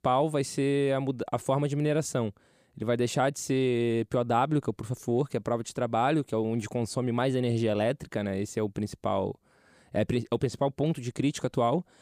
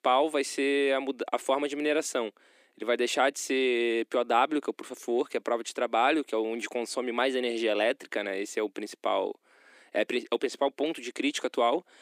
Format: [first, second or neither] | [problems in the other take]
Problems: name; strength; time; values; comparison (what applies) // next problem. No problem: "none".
first | thin; somewhat; fading below 300 Hz